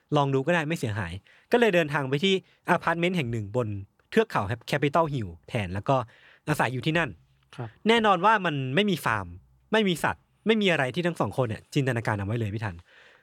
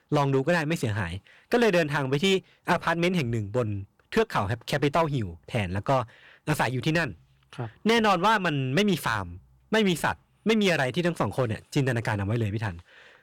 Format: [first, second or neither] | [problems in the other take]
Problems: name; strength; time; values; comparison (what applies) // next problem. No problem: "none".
first | distortion; slight; 5% of the sound clipped